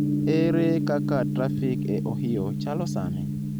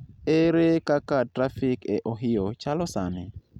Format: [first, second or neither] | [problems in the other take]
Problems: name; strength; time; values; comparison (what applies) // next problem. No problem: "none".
second | background sound (Gong); 2 dB above the speech